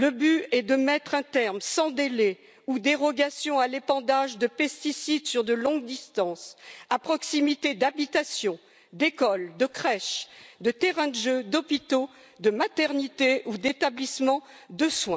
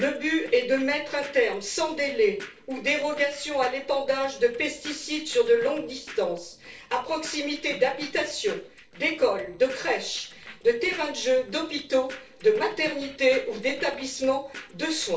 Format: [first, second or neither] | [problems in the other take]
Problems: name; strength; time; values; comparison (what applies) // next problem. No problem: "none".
first | noise reduction (neural separator model SepFormer DNS4)